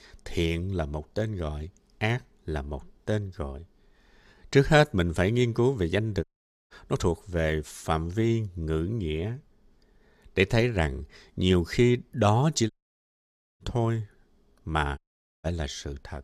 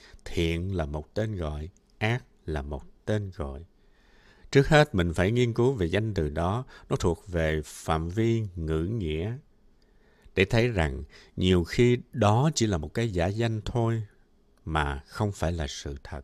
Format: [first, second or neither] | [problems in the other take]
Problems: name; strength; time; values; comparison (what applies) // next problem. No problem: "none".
second | audio cutting out; at 6 s, at 13 s for 1 s and at 15 s